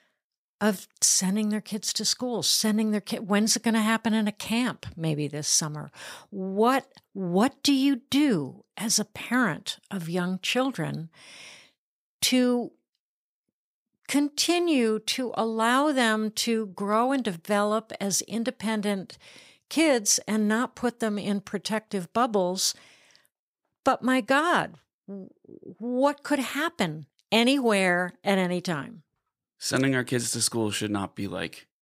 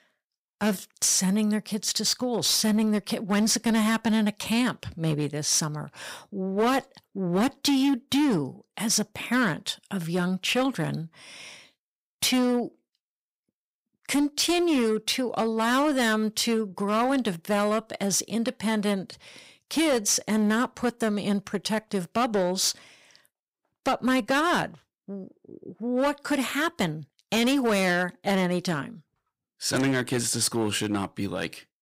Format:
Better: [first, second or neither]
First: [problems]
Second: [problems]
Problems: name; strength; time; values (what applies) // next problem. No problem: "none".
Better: first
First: none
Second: distortion; slight; 9% of the sound clipped